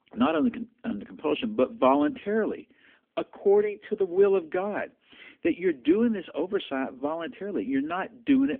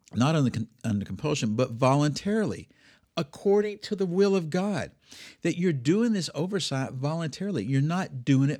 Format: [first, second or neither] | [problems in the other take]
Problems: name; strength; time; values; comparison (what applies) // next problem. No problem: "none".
second | phone-call audio; nothing above 3.5 kHz